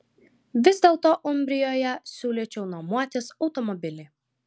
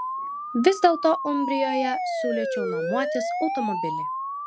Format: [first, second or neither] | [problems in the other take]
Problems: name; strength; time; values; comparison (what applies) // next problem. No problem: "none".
first | background sound (Siren); 3 dB below the speech